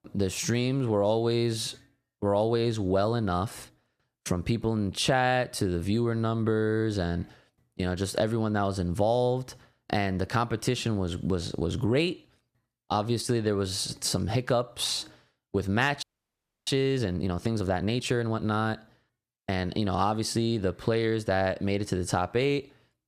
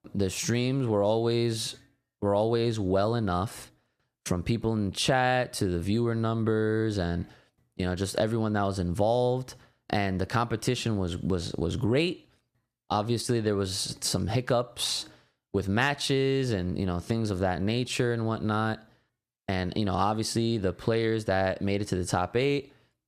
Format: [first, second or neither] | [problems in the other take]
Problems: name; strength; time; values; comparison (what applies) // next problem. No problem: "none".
second | audio freezing; at 16 s for 0.5 s